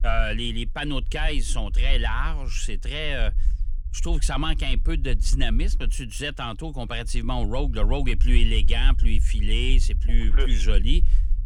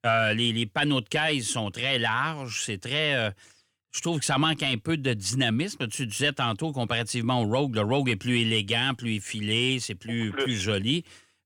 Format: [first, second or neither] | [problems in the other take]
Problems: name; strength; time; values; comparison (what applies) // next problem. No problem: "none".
second | low rumble; faint; throughout; 20 dB below the speech